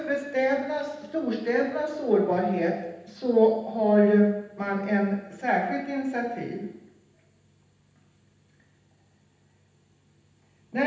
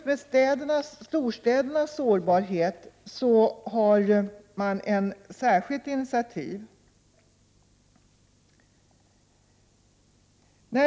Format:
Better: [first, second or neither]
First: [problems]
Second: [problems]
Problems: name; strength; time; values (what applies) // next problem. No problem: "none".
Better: second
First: room echo; dies away in 0.9 s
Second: none